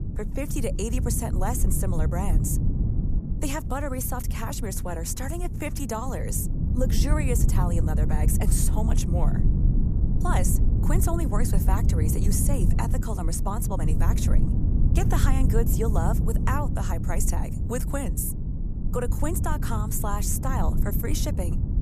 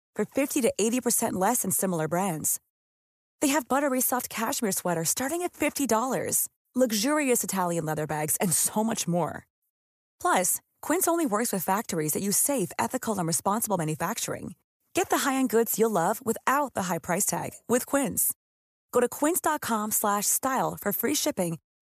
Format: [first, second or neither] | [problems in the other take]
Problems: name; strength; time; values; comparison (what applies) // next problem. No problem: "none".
second | low rumble; loud; throughout; 6 dB below the speech